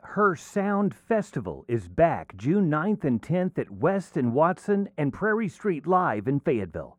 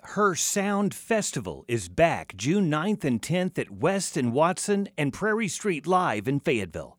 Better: second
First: muffled; very; fading above 2 kHz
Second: none

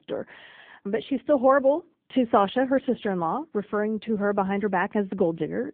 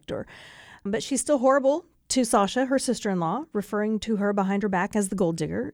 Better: second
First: phone-call audio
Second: none

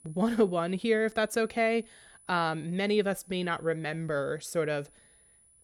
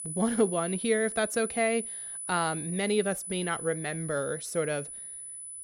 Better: first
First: high-pitched whine; faint; throughout; 10 kHz, 25 dB below the speech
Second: high-pitched whine; loud; throughout; 10 kHz, 7 dB below the speech

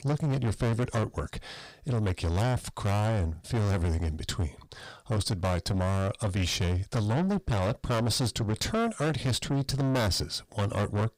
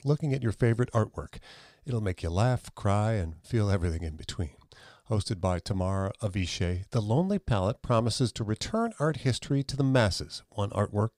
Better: second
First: distortion; heavy; 6 dB below the speech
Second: none

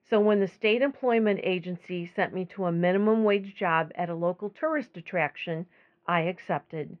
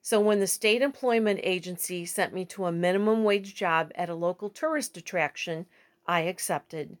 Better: second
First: muffled; very; fading above 3 kHz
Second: none

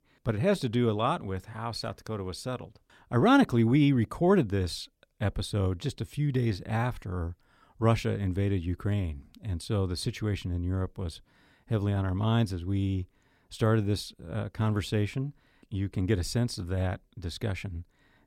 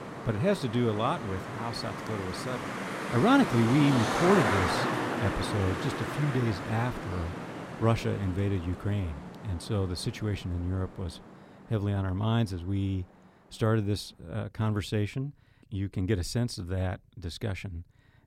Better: first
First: none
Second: traffic noise; loud; throughout; 3 dB below the speech

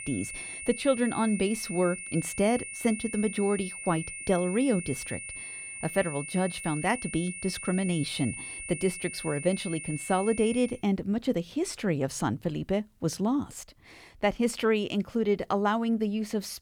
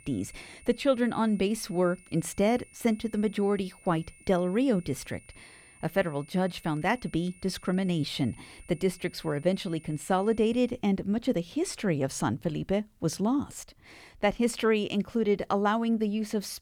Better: second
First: high-pitched whine; loud; until 11 s; 2 kHz, 8 dB below the speech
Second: high-pitched whine; faint; until 11 s; 2 kHz, 25 dB below the speech

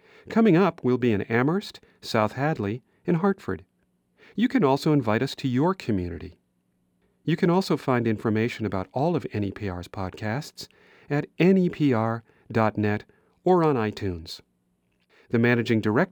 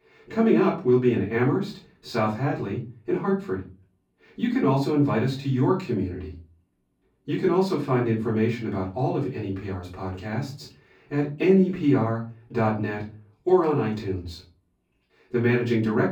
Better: first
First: none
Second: off-mic speech; far // room echo; slight; dies away in 0.4 s

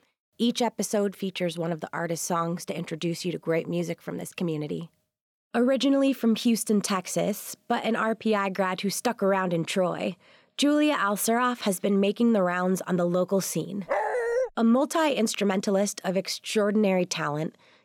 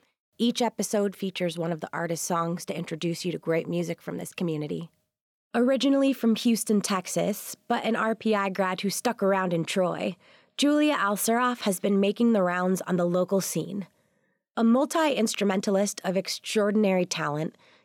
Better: second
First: dog barking; noticeable; at 14 s; peak 1 dB below the speech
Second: none

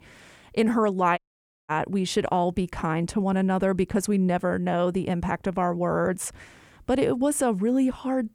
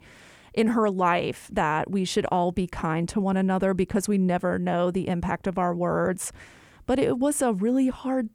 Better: second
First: audio cutting out; at 1 s for 0.5 s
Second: none

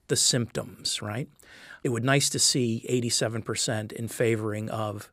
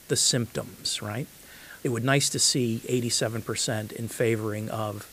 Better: first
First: none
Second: hiss; faint; throughout; 20 dB below the speech

